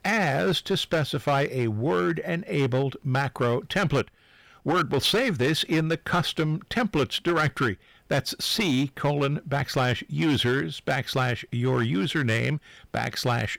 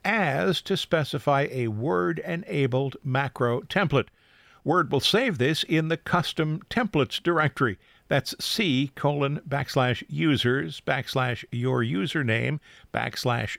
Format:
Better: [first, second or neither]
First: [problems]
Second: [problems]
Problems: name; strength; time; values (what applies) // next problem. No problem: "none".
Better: second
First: distortion; slight; 9% of the sound clipped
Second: none